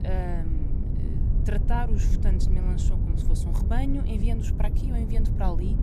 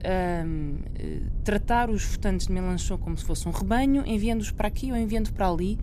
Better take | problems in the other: second | low rumble; loud; throughout; 4 dB below the speech; faint in the second

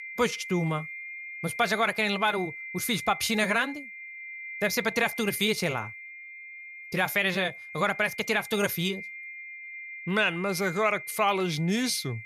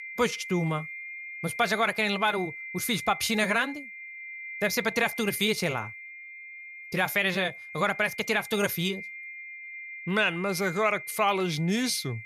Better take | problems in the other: neither | high-pitched whine; noticeable; throughout; 2 kHz, 10 dB below the speech; the same in both

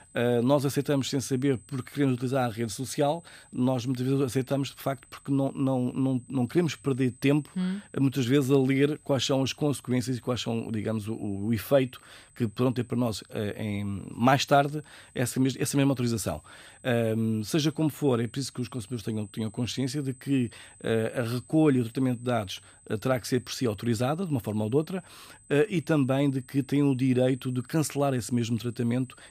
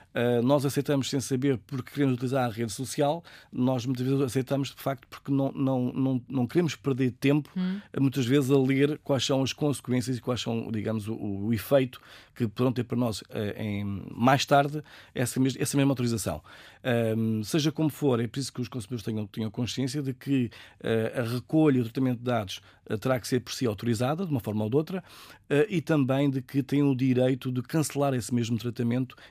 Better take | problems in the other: second | high-pitched whine; faint; throughout; 8 kHz, 25 dB below the speech

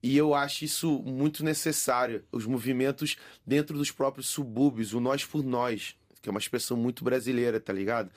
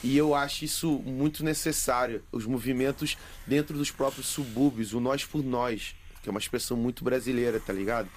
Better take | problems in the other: first | hiss; faint; throughout; 20 dB below the speech

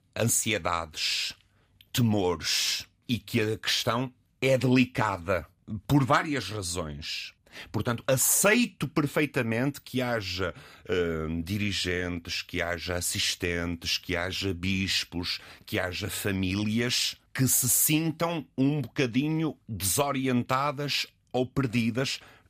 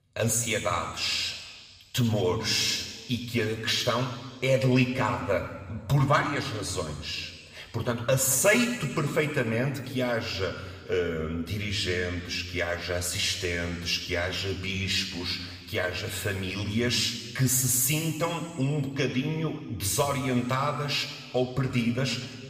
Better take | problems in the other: first | room echo; slight; dies away in 1.7 s

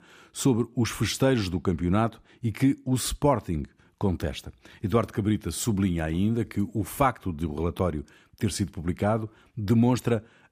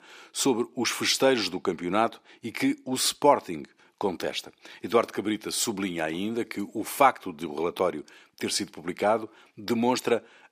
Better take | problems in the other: first | thin; somewhat; fading below 400 Hz

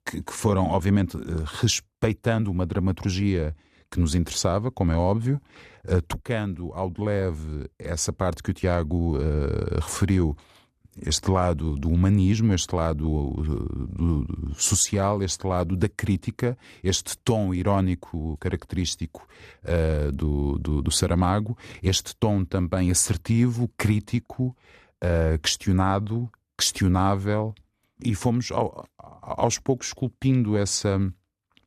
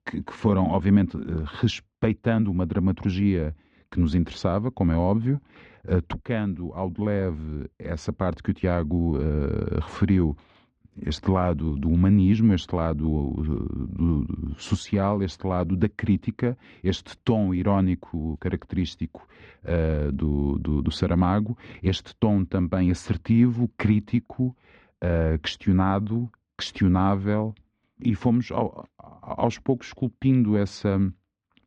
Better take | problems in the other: first | muffled; slightly; fading above 3.5 kHz

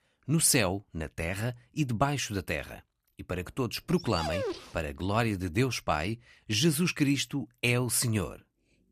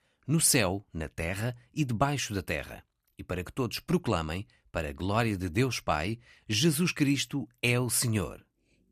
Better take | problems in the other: second | dog barking; noticeable; at 4 s; peak 4 dB below the speech

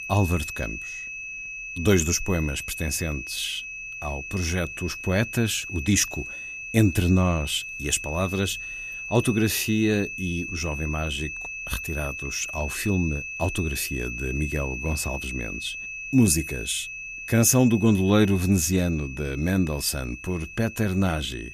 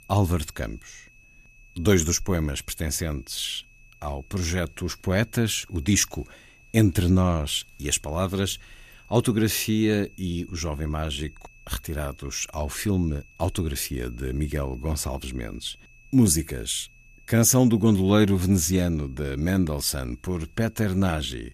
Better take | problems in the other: second | high-pitched whine; loud; throughout; 2.5 kHz, 8 dB below the speech; faint in the second

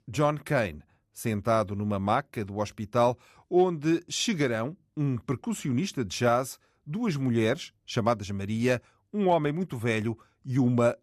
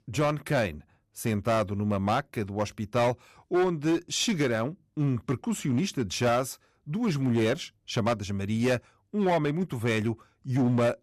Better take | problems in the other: first | distortion; slight; 8% of the sound clipped

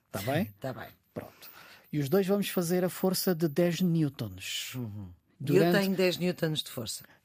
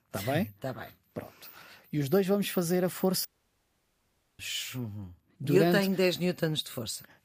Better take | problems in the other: first | audio cutting out; at 3.5 s for 1 s

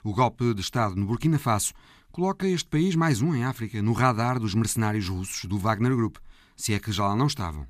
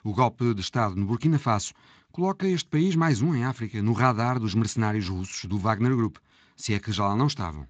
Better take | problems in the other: first | garbled, watery; slightly; nothing above 7.5 kHz

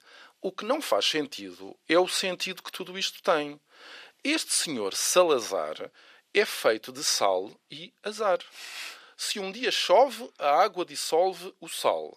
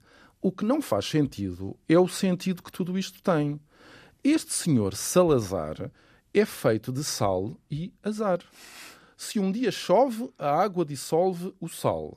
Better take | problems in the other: second | thin; somewhat; fading below 550 Hz

